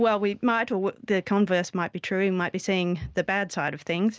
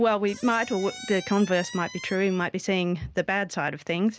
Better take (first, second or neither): first